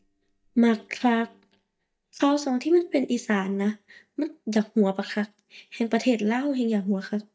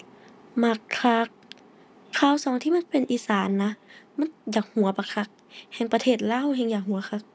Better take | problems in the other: second | noise reduction (neural mask model DeepFilterNet 3)

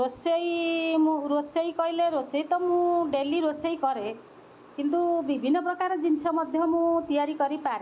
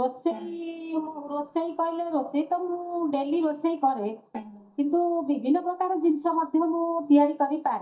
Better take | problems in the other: first | noise reduction (neural mask model DeepFilterNet 3)

